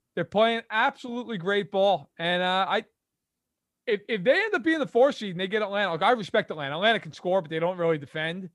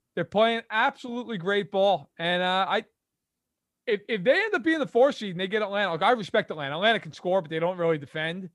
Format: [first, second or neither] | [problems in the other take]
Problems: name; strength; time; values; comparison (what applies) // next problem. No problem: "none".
neither | none